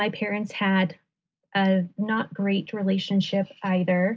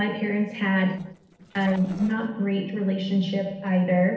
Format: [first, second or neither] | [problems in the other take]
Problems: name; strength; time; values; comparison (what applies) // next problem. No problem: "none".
first | noise reduction (neural separator model SepFormer DNS4)